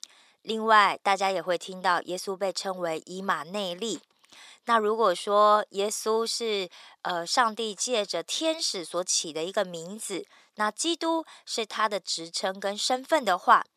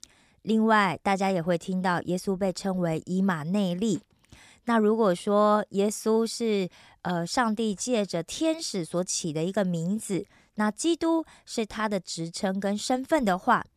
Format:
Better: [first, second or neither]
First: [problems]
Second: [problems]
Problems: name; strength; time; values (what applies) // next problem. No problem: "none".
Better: second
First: thin; somewhat; fading below 450 Hz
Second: none